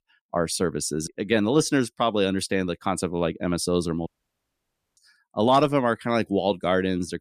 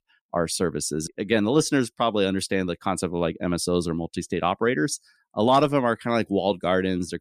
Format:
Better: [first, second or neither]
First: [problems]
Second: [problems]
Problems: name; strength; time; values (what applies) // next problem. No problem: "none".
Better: second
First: audio cutting out; at 4 s for 1 s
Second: none